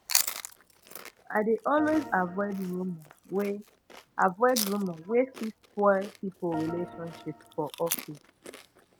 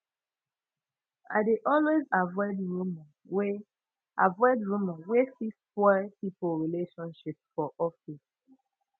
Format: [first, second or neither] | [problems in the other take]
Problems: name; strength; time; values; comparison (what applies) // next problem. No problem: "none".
second | background sound (Chewing, mastication + Organ); 8 dB below the speech